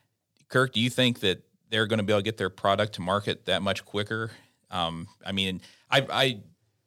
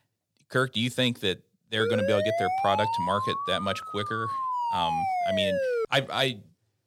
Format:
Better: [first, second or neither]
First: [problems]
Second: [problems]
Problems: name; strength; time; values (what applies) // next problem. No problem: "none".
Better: first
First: none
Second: siren; loud; from 2 to 6 s; peak 2 dB above the speech